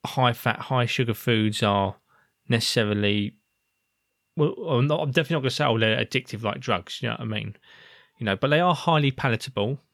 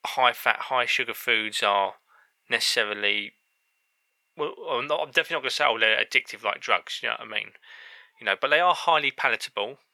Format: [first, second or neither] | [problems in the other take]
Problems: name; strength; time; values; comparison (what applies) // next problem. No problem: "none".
first | thin; very; fading below 700 Hz